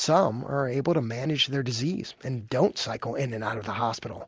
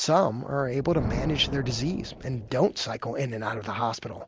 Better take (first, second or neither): first